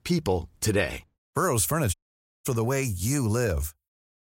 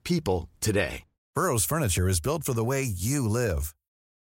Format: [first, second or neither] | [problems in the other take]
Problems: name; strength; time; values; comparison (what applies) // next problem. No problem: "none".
second | audio cutting out; at 2 s for 0.5 s